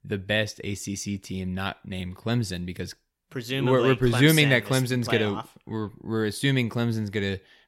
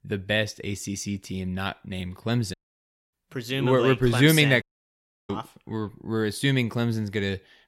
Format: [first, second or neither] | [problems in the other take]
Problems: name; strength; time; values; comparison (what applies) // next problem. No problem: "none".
first | audio cutting out; at 2.5 s for 0.5 s and at 4.5 s for 0.5 s